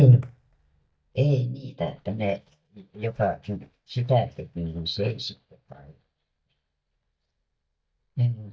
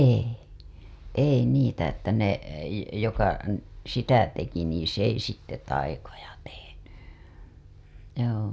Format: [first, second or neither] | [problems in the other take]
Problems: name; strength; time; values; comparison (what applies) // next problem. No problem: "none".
second | noise reduction (neural mask model DeepFilterNet 3)